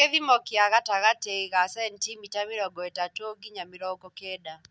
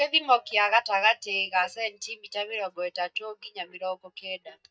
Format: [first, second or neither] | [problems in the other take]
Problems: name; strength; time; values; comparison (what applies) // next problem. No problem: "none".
first | noise reduction (neural mask model DeepFilterNet 3)